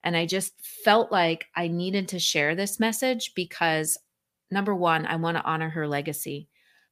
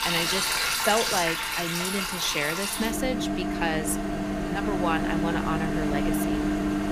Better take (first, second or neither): first